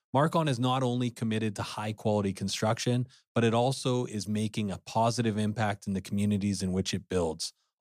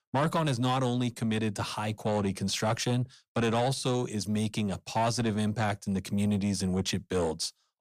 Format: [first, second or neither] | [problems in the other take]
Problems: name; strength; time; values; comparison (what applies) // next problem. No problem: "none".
first | distortion; slight; 10 dB below the speech